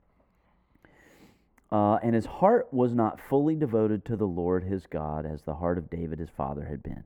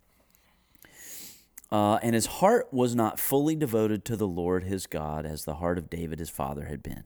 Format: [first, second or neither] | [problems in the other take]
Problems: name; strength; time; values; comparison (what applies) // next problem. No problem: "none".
second | muffled; very; fading above 3 kHz